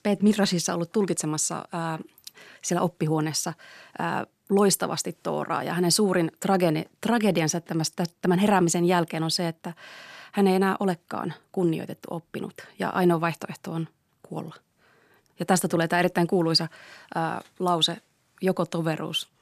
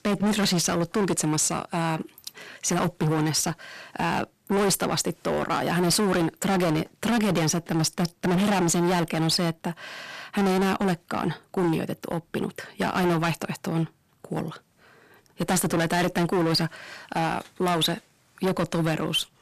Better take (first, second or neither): first